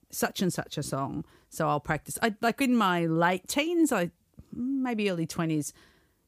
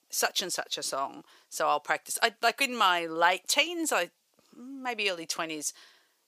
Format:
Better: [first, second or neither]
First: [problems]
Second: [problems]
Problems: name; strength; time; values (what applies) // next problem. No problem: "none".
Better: first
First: none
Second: thin; very; fading below 650 Hz